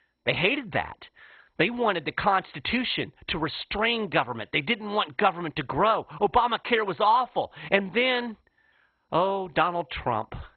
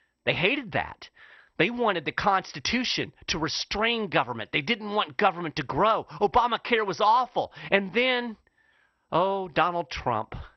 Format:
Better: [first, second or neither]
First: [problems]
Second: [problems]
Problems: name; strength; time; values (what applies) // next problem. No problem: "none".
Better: second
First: garbled, watery; badly; nothing above 4 kHz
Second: garbled, watery; slightly; nothing above 6 kHz